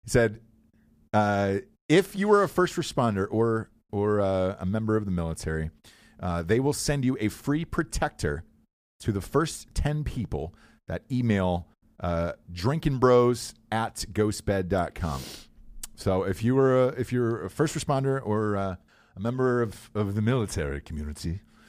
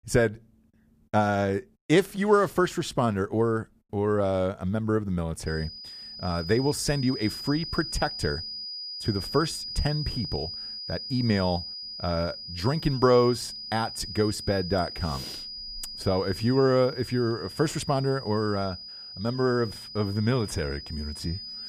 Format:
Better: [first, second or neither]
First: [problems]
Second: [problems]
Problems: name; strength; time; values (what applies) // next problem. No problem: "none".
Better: first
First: none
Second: high-pitched whine; loud; from 5.5 s on; 5 kHz, 9 dB below the speech